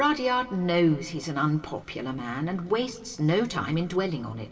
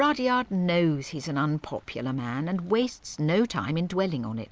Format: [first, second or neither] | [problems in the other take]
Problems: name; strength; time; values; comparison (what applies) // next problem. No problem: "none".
second | room echo; dies away in 2.9 s